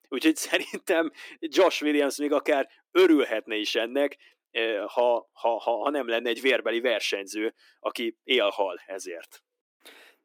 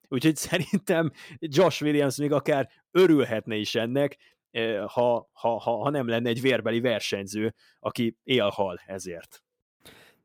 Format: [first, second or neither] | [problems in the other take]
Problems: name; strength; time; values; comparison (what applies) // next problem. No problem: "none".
second | thin; very slightly; fading below 300 Hz